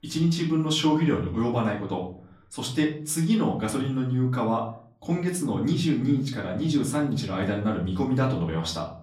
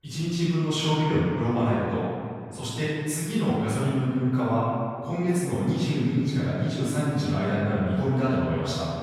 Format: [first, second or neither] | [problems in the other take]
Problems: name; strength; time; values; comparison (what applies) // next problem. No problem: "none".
first | room echo; strong; dies away in 2.2 s; slight in the first // off-mic speech; far; far in the first